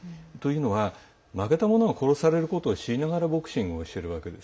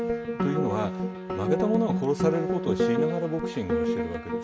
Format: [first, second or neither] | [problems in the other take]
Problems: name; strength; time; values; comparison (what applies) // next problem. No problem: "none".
first | background sound (Piano); 1 dB above the speech